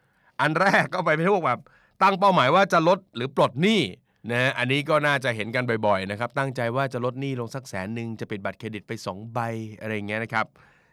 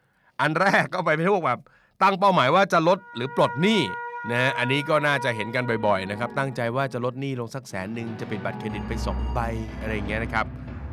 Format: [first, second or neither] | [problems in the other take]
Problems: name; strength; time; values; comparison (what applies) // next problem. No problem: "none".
first | background music; noticeable; from 3 s on; 10 dB below the speech